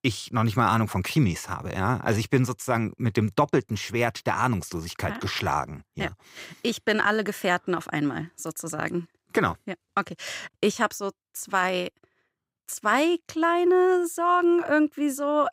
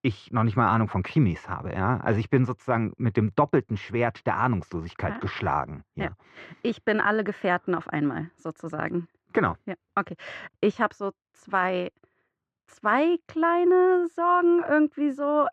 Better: first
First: none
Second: muffled; very; fading above 2 kHz

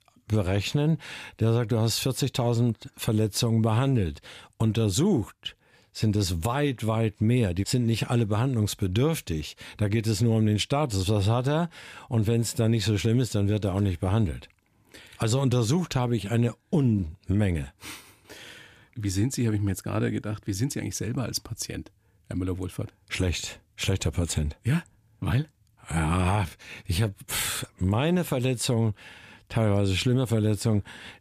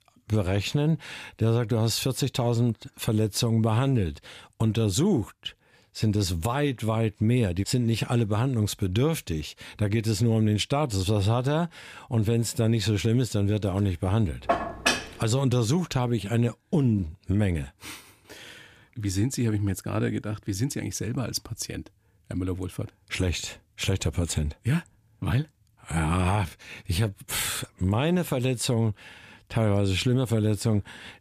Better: first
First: none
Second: clattering dishes; loud; at 14 s; peak 1 dB above the speech

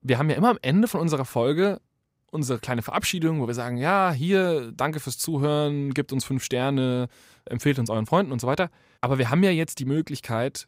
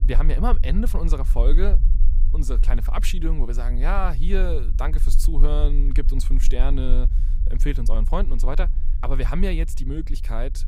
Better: first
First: none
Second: low rumble; noticeable; throughout; 15 dB below the speech

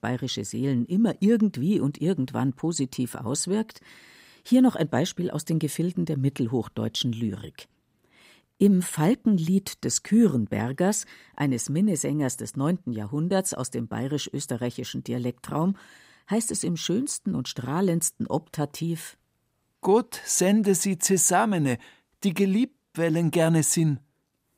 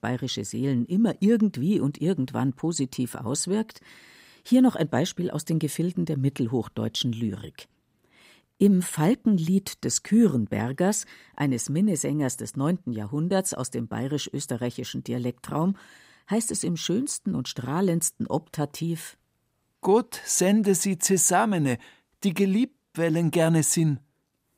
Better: neither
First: none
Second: none

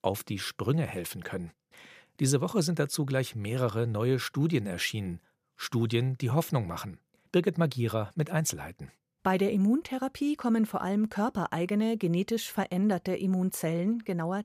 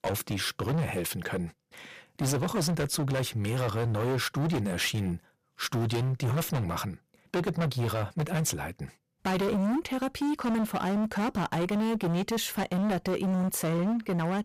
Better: first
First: none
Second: distortion; heavy; 26% of the sound clipped

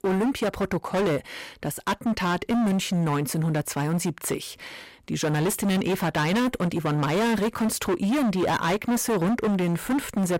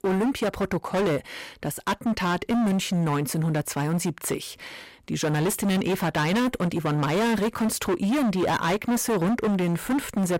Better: neither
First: distortion; heavy; 26% of the sound clipped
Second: distortion; heavy; 26% of the sound clipped

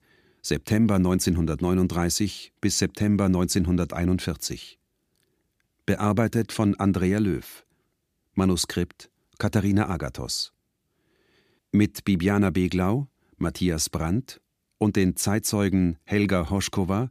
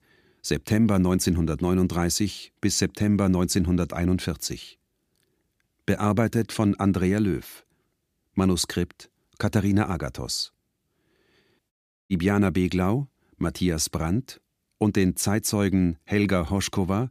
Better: first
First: none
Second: audio cutting out; at 12 s

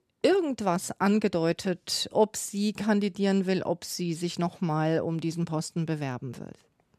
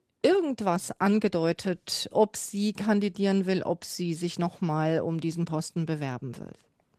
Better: first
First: none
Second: garbled, watery; slightly; nothing above 14.5 kHz

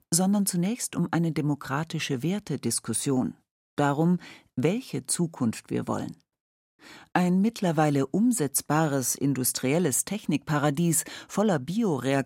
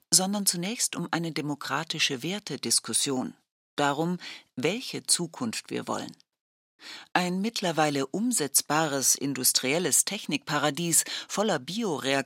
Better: first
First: none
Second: thin; very slightly; fading below 400 Hz

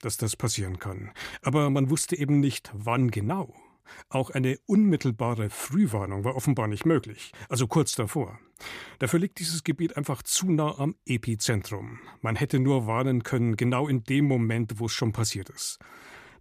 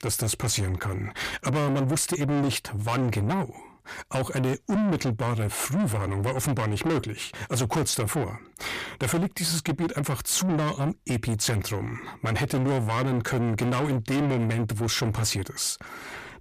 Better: first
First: none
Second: distortion; heavy; 5 dB below the speech

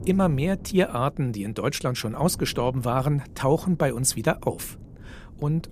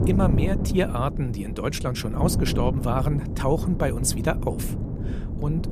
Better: first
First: wind noise on the microphone; occasional gusts; 25 dB below the speech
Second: wind noise on the microphone; heavy; 8 dB below the speech

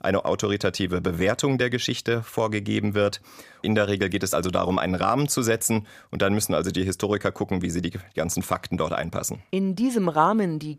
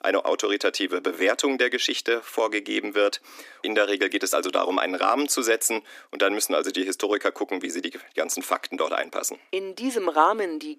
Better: first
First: none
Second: thin; somewhat; fading below 300 Hz

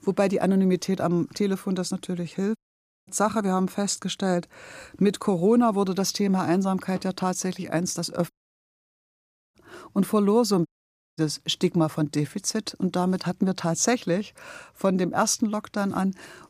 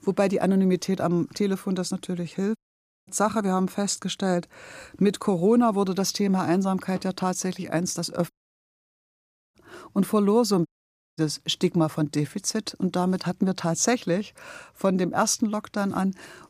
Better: neither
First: audio cutting out; at 2.5 s for 0.5 s, at 8.5 s for 1 s and at 11 s for 0.5 s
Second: audio cutting out; at 2.5 s for 0.5 s, at 8.5 s for 1 s and at 11 s for 0.5 s

